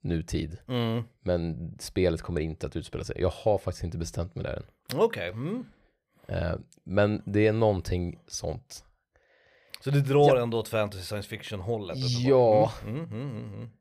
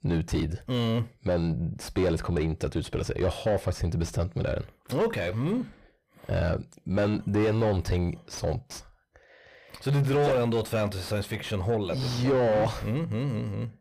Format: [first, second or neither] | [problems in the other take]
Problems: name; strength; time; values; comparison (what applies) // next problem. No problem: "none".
first | distortion; heavy; 5 dB below the speech